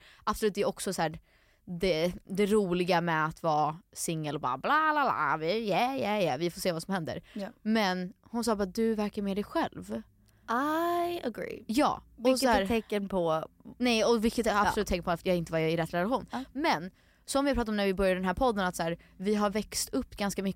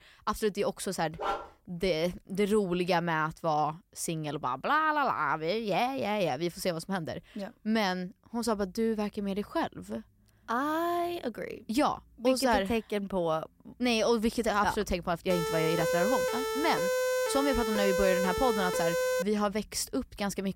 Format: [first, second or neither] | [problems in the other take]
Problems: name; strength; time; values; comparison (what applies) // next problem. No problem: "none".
first | dog barking; noticeable; at 1 s; peak 4 dB below the speech // siren; loud; from 15 to 19 s; peak 2 dB above the speech